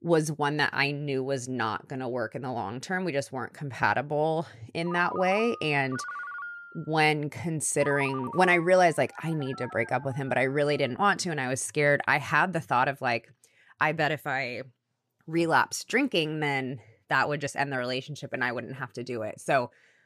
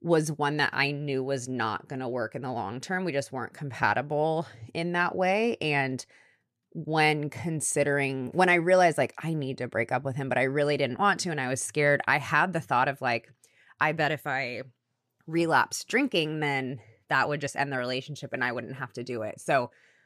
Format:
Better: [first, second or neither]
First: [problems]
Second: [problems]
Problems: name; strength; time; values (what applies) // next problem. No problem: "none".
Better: second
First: phone ringing; noticeable; from 5 to 11 s; peak 9 dB below the speech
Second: none